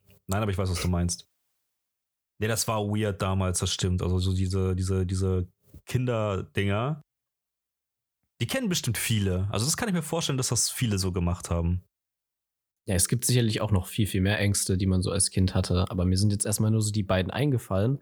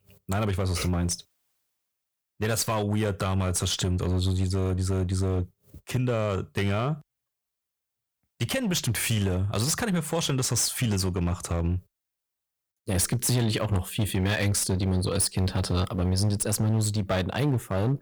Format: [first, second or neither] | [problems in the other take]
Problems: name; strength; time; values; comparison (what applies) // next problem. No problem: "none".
first | distortion; slight; 12% of the sound clipped